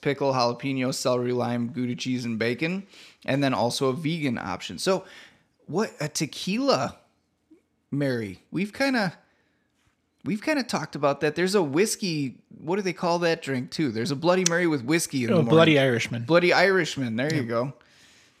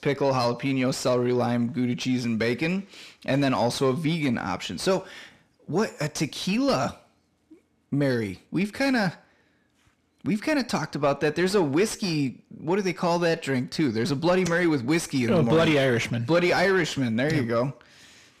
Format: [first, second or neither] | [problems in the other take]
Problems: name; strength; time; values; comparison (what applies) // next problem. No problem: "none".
first | distortion; slight; 10 dB below the speech